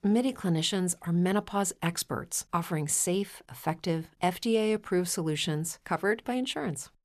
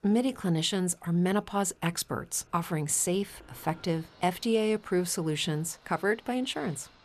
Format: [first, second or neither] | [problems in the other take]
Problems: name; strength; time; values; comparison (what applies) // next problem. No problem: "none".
first | train or aircraft noise; faint; throughout; 30 dB below the speech